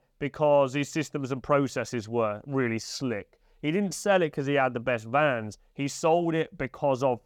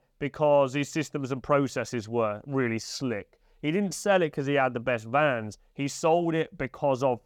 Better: neither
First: none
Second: none

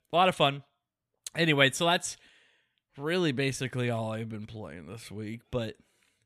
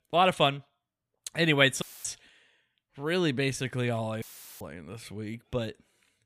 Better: first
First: none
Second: audio cutting out; filled with static; at 2 s and at 4 s

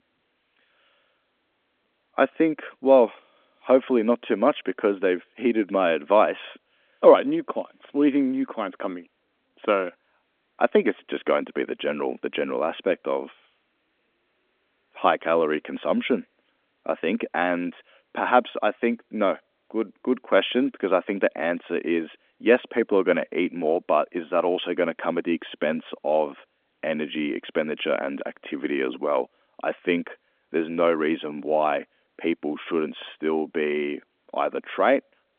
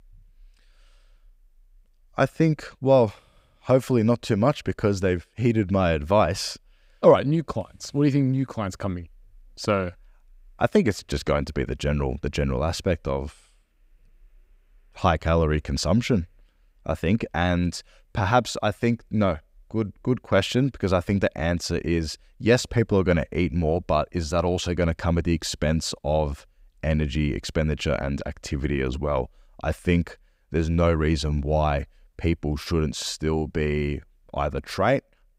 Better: second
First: phone-call audio; nothing above 3.5 kHz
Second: none

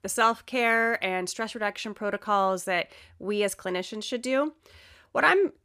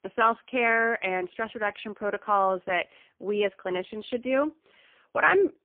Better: first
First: none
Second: phone-call audio; poor line

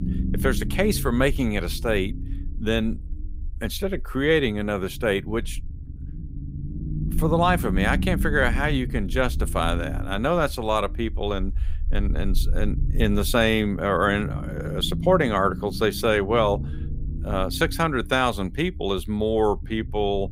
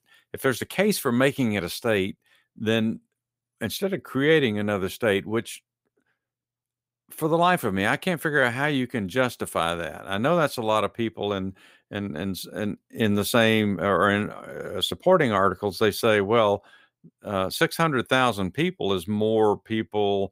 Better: second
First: low rumble; noticeable; throughout; 15 dB below the speech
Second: none

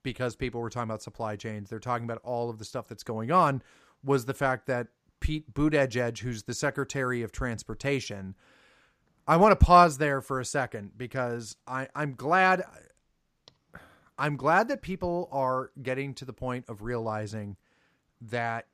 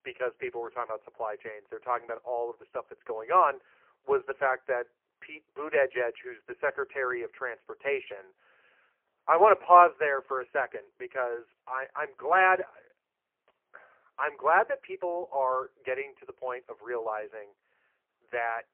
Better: first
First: none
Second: phone-call audio; poor line

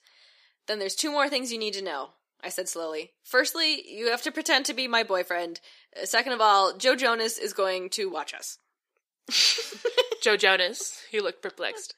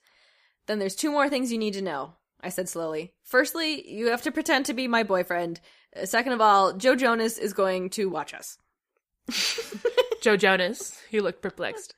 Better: second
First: thin; very slightly; fading below 300 Hz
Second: none

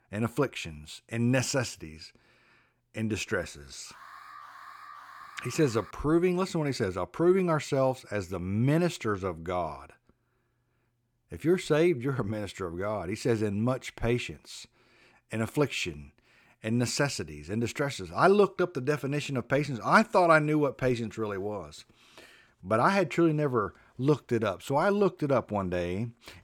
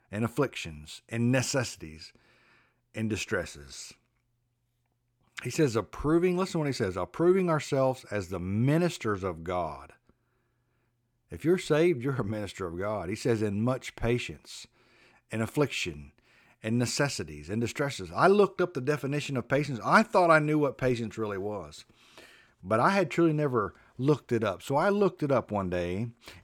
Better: second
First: alarm; faint; from 4 to 6 s; peak 20 dB below the speech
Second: none

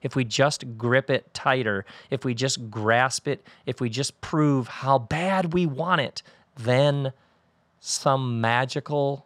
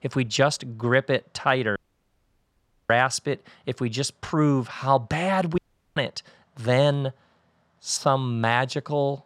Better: first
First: none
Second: audio cutting out; at 2 s for 1 s and at 5.5 s

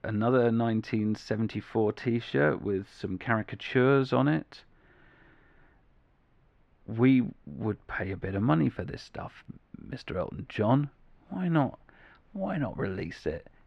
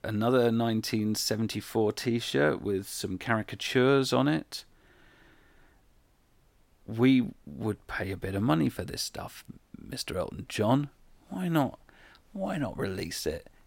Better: second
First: muffled; slightly; fading above 2 kHz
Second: none

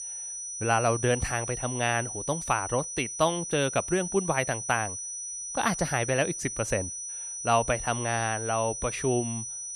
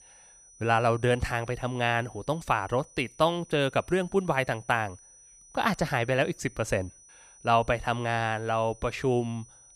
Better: second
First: high-pitched whine; loud; throughout; 6 kHz, 5 dB below the speech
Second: high-pitched whine; faint; throughout; 6 kHz, 25 dB below the speech

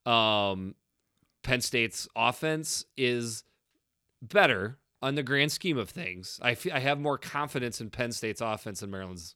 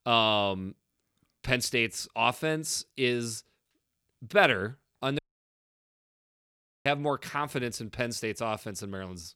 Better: first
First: none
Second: audio cutting out; at 5 s for 1.5 s

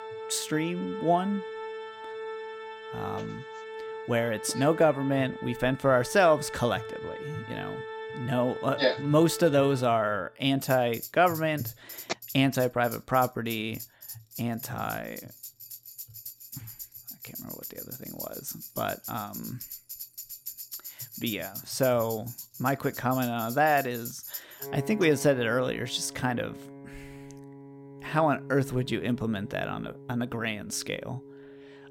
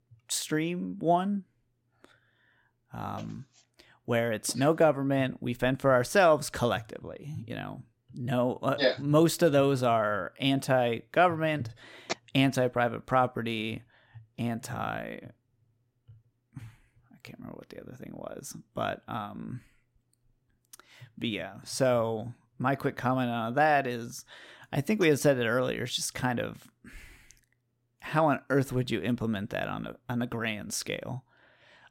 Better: second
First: background music; noticeable; throughout; 15 dB below the speech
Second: none

